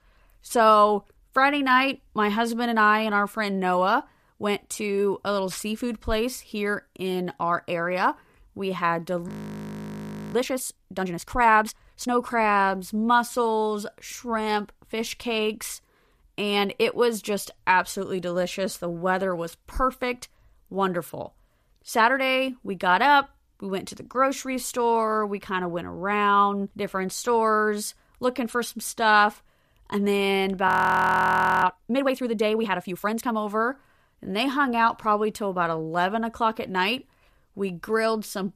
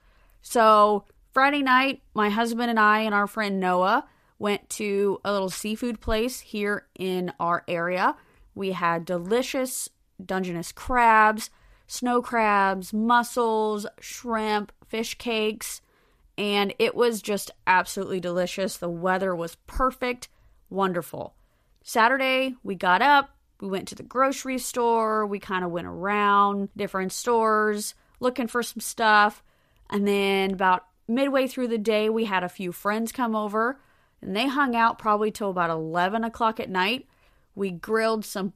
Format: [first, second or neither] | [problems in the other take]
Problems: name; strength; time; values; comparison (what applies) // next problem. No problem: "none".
second | audio freezing; at 9.5 s for 1 s and at 31 s for 1 s